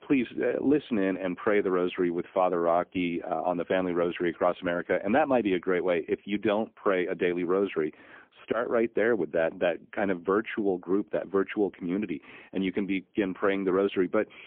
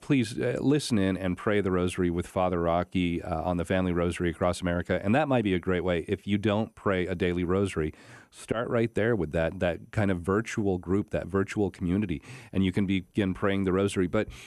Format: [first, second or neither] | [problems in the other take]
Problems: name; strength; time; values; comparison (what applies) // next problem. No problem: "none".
second | phone-call audio; poor line; nothing above 3.5 kHz